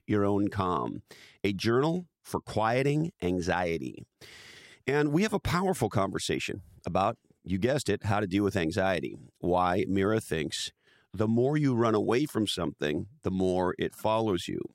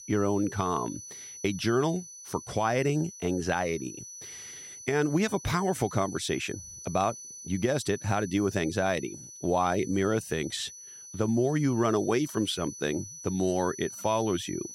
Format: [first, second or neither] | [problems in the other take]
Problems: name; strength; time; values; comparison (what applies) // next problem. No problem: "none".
first | high-pitched whine; noticeable; throughout; 6 kHz, 15 dB below the speech